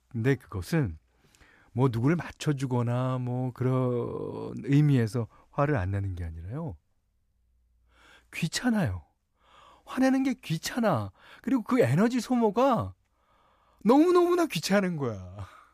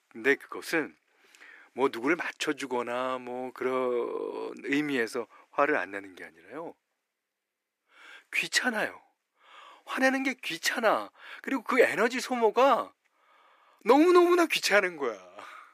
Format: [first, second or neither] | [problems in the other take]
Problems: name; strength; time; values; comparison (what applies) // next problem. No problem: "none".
first | thin; somewhat; fading below 350 Hz